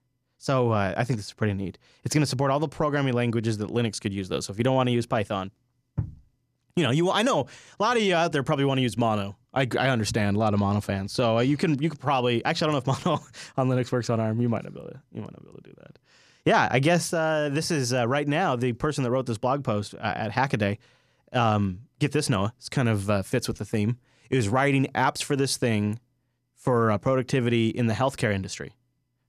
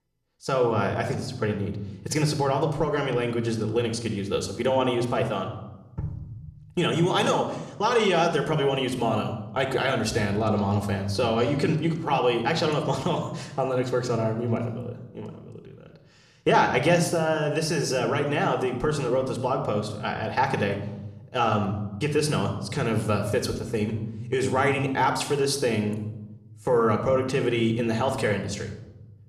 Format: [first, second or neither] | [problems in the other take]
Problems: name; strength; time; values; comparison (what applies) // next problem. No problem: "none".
first | room echo; slight; dies away in 0.8 s